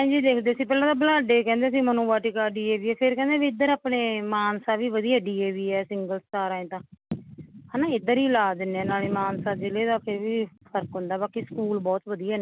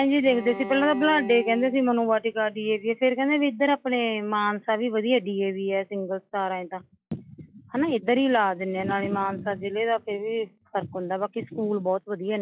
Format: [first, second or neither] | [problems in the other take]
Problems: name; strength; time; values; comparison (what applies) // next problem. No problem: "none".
first | noise reduction (classical method log-MMSE)